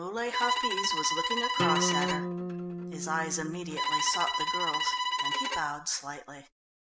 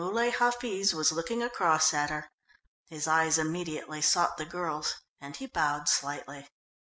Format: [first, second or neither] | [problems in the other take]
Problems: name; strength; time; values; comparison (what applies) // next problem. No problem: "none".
second | background sound (Acoustic guitar + Bowed string instrument); 4 dB above the speech